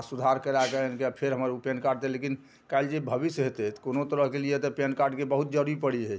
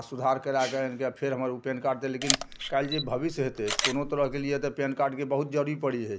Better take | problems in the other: first | background sound (Camera); 4 dB below the speech

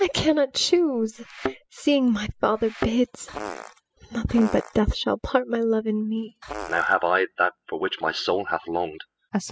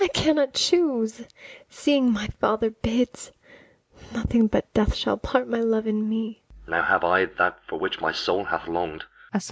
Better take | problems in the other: second | noise reduction (classical method spectral subtraction)

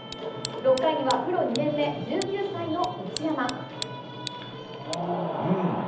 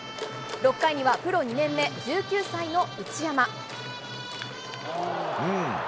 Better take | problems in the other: second | background sound (Tick); 14 dB below the speech // room echo; dies away in 0.8 s

